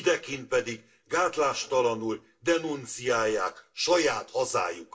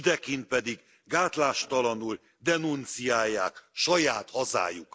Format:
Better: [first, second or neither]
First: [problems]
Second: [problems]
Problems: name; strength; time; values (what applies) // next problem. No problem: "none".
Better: second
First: room echo; dies away in 0.2 s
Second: none